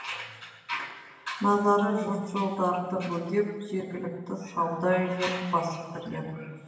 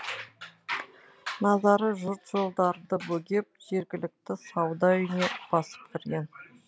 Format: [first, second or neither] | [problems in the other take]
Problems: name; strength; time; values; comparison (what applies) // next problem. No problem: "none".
second | room echo; dies away in 1.2 s